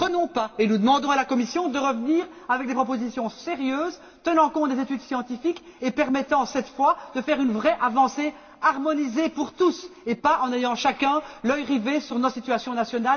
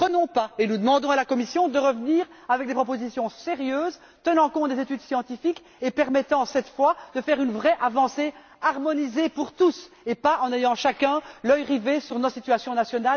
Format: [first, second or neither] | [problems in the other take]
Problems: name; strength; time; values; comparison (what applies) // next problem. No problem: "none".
second | room echo; dies away in 0.3 s